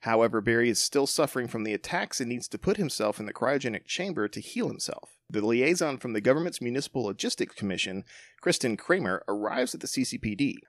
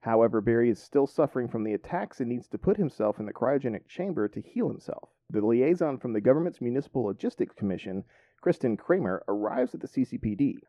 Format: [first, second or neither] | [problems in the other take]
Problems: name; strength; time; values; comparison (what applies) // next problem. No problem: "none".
first | muffled; very; fading above 2 kHz